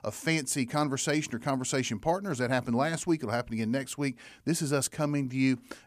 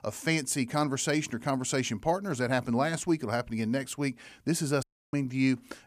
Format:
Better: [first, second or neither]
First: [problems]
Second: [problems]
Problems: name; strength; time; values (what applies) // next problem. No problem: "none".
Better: first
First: none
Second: audio cutting out; at 5 s